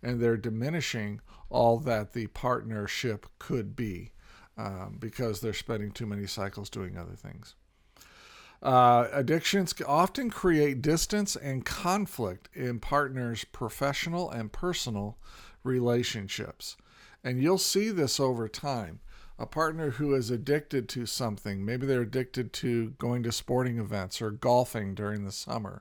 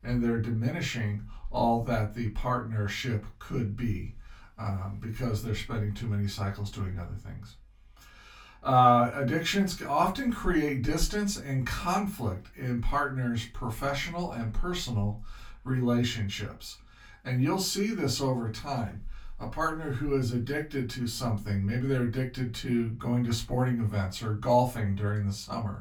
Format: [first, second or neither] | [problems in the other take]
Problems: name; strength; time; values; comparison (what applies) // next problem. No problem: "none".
first | off-mic speech; far // room echo; very slight; dies away in 0.2 s